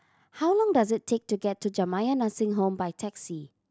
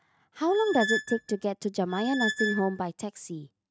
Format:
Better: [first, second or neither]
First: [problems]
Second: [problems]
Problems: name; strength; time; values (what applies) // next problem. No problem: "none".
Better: first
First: none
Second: noise reduction (neural mask model RNNoise)